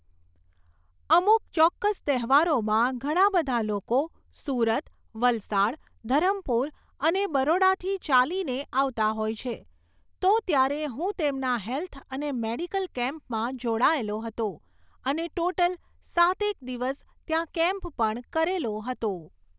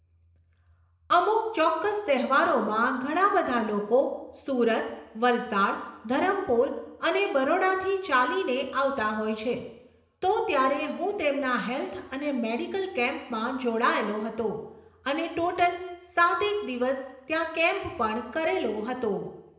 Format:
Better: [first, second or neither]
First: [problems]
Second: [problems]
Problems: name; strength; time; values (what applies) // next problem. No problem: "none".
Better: first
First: none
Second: room echo; dies away in 0.7 s